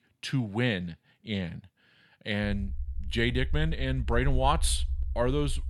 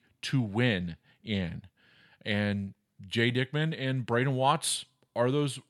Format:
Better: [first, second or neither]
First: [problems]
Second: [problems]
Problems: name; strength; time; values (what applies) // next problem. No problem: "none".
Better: second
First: low rumble; faint; from 2.5 s on; 25 dB below the speech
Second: none